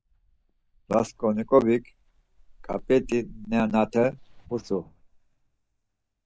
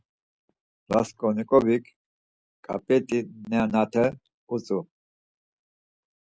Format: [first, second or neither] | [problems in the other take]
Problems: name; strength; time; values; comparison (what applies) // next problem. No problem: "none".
second | noise reduction (neural mask model DeepFilterNet 3)